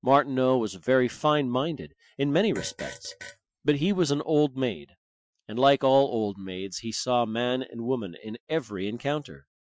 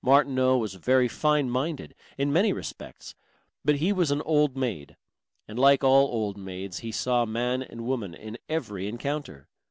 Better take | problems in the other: second | noise reduction (classical method Wiener filter)

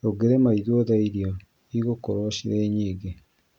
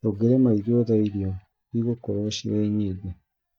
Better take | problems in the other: first | noise reduction (neural mask model DeepFilterNet 3)

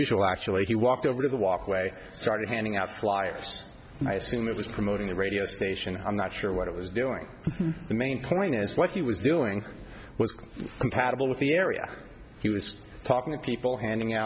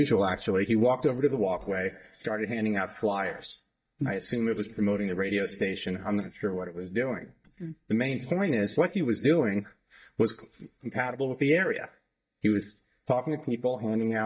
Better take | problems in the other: first | noise reduction (neural mask model DeepFilterNet 3)

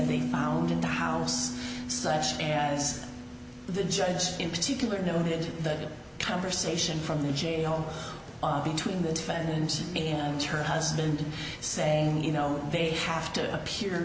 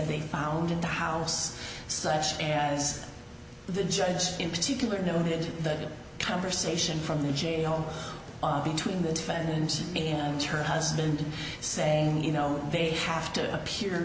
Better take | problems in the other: second | background sound (Piano); 11 dB below the speech

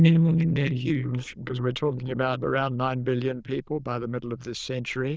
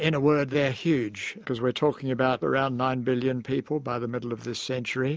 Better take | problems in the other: second | noise reduction (neural diffusion model UNIVERSE++)

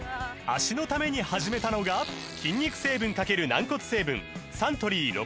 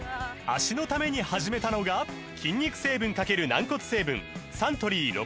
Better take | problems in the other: second | background sound (Fart); 16 dB below the speech

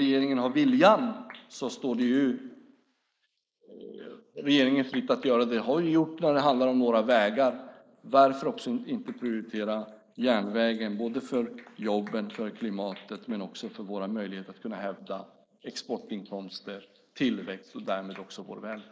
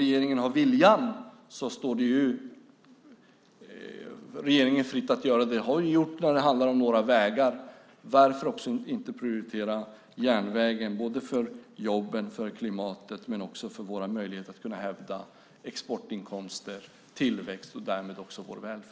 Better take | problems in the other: second | noise reduction (neural mask model Resemble Enhance denoiser)

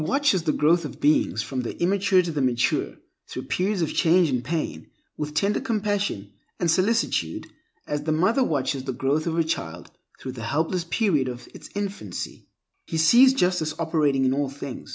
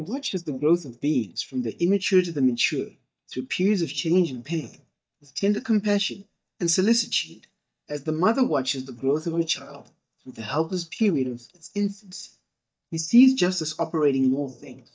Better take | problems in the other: first | noise reduction (neural mask model DeepFilterNet 3)

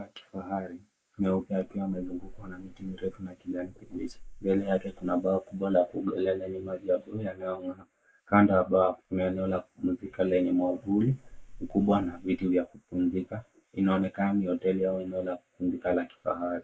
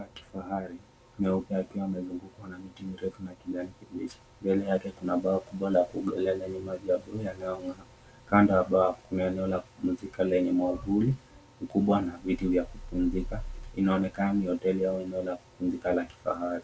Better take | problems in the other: second | noise reduction (neural mask model Resemble Enhance denoiser)

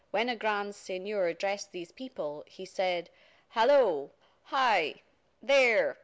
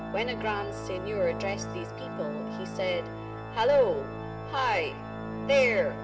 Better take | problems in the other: first | background sound (Organ); 7 dB below the speech // room echo; dies away in 1.7 s

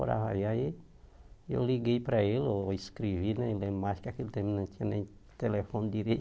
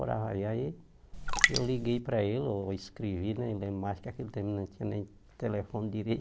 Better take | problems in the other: first | background sound (Raindrop); 3 dB above the speech

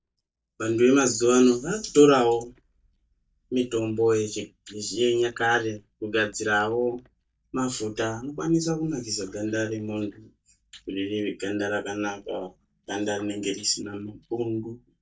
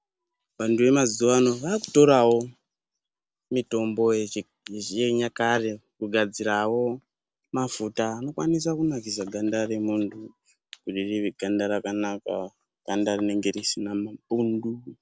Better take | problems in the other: second | noise reduction (neural mask model DeepFilterNet 3)

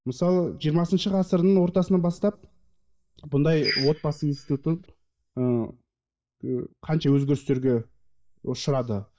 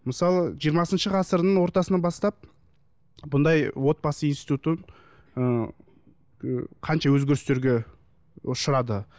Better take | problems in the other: second | noise reduction (neural mask model DeepFilterNet 3)

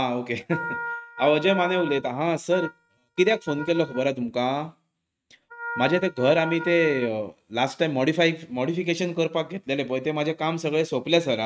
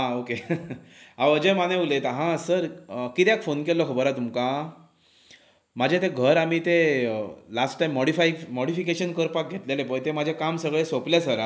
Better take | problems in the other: second | noise reduction (neural mask model RNNoise)

